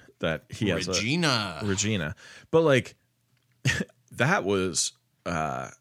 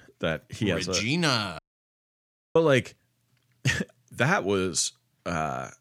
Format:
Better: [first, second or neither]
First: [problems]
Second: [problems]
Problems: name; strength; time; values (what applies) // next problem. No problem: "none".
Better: first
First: none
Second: audio cutting out; at 1.5 s for 1 s